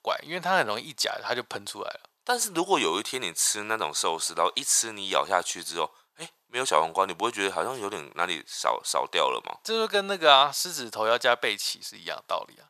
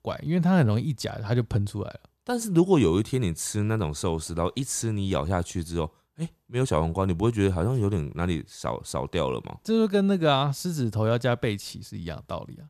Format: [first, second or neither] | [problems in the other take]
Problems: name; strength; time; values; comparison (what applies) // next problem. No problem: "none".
second | thin; very; fading below 850 Hz